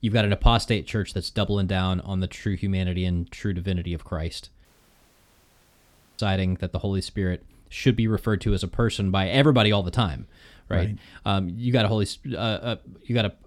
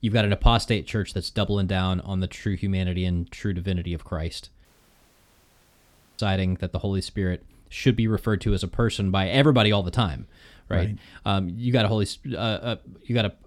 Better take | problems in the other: neither | audio cutting out; at 4.5 s for 1.5 s; the same in both

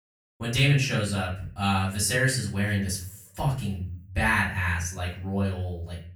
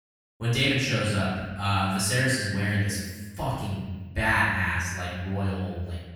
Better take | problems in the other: first | room echo; strong; dies away in 1.3 s; slight in the first // off-mic speech; far; far in the first

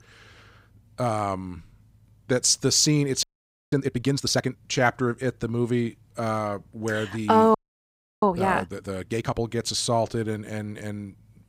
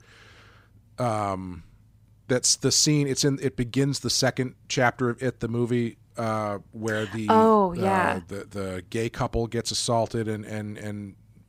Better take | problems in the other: second | audio freezing; at 3 s and at 7.5 s for 0.5 s

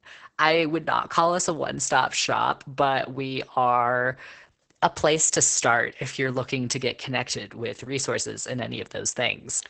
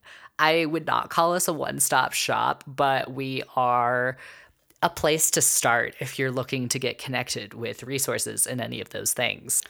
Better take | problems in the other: second | garbled, watery; badly; nothing above 8 kHz

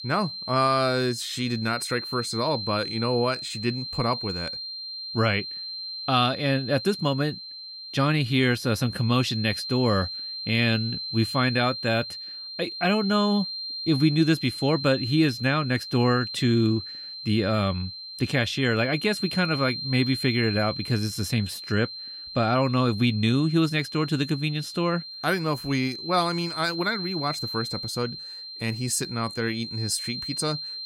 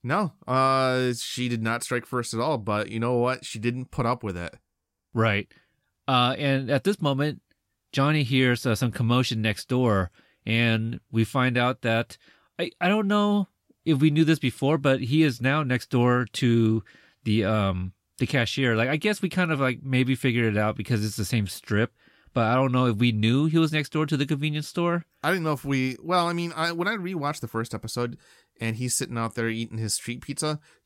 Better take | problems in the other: second | high-pitched whine; loud; throughout; 4 kHz, 7 dB below the speech

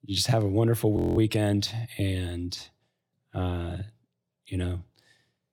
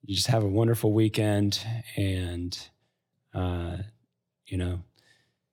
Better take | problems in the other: second | audio freezing; at 1 s

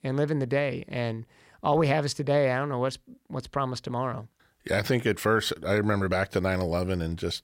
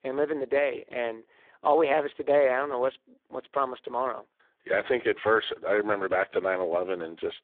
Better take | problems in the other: first | phone-call audio; poor line

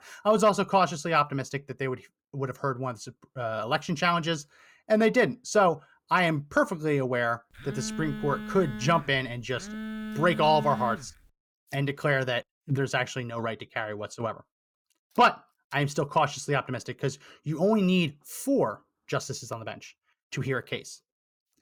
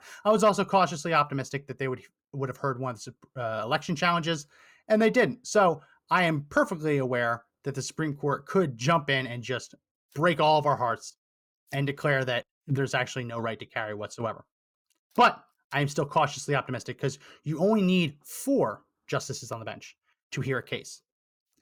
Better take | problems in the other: second | phone ringing; noticeable; from 7.5 to 11 s; peak 7 dB below the speech

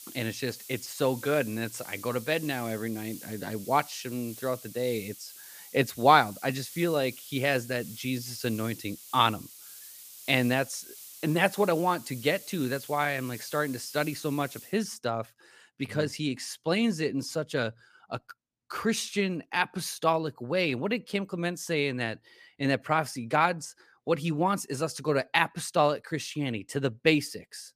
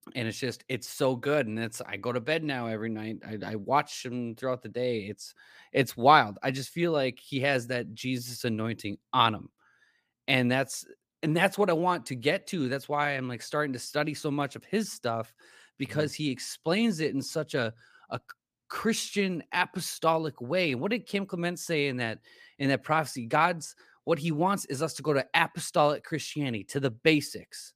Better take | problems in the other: second | hiss; noticeable; until 15 s; 15 dB below the speech

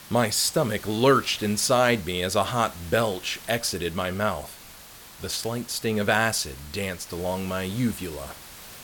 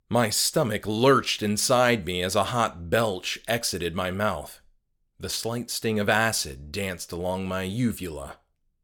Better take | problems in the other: second | hiss; noticeable; throughout; 15 dB below the speech

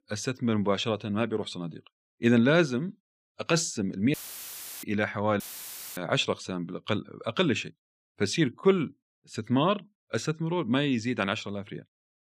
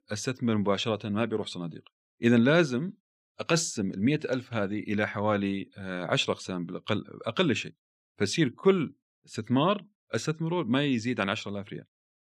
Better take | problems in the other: second | audio cutting out; filled with static; at 4 s for 0.5 s and at 5.5 s for 0.5 s

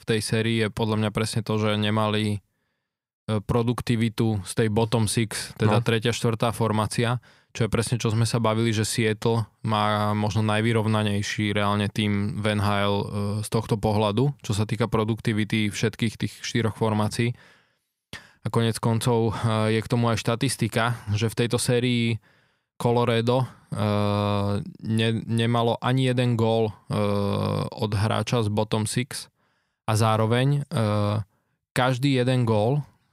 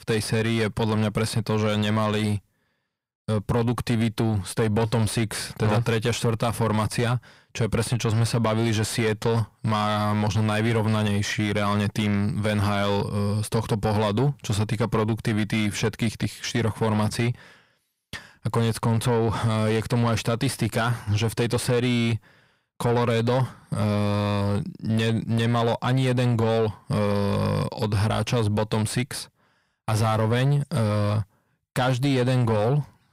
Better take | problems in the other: first | distortion; slight; 9 dB below the speech

